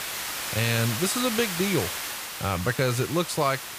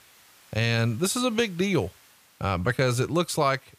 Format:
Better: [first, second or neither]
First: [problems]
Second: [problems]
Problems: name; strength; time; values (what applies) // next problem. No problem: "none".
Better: second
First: hiss; loud; throughout; 4 dB below the speech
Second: hiss; faint; throughout; 30 dB below the speech